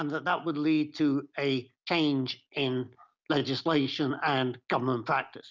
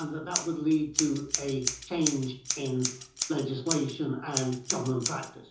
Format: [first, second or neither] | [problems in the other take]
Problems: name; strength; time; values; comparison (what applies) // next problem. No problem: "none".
first | background sound (Scissors); 5 dB below the speech // room echo; dies away in 0.6 s